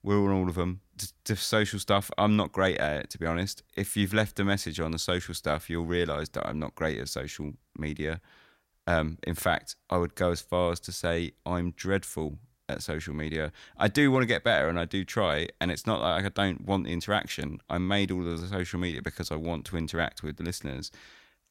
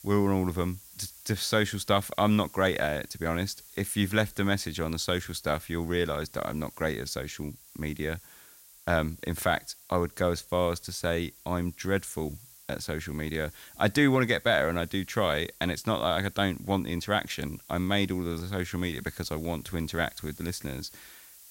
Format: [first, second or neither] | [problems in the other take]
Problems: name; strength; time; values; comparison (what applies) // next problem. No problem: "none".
first | hiss; noticeable; throughout; 20 dB below the speech